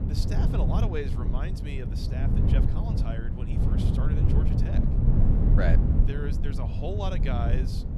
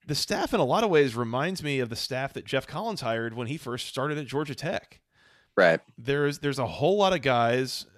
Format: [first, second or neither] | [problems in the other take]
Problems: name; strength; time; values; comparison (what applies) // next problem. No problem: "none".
second | low rumble; loud; throughout; as loud as the speech